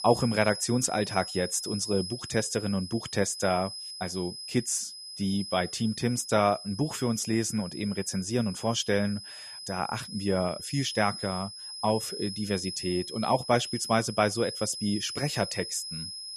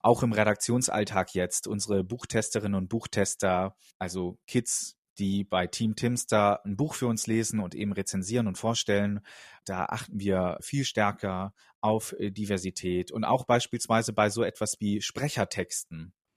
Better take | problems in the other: second | high-pitched whine; loud; throughout; 5 kHz, 8 dB below the speech

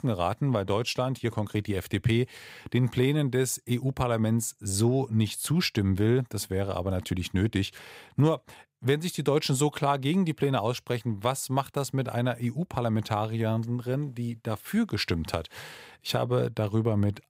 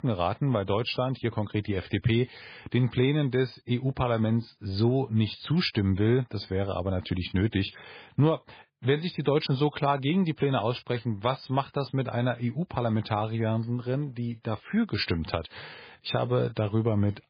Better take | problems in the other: first | garbled, watery; badly; nothing above 4.5 kHz

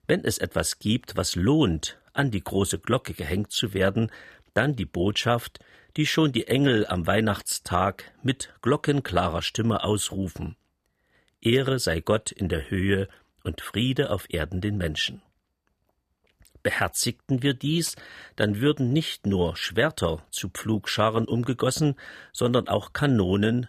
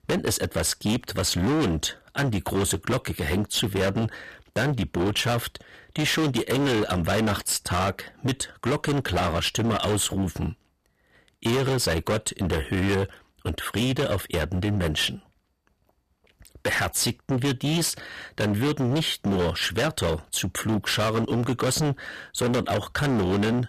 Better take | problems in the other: first | distortion; heavy; 23% of the sound clipped

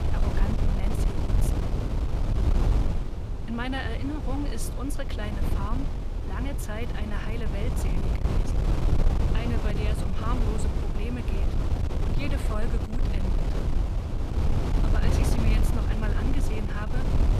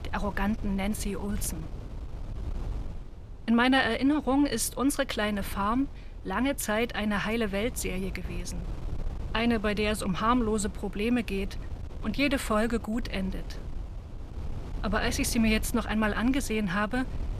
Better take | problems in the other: second | wind noise on the microphone; heavy; as loud as the speech; occasional gusts in the second

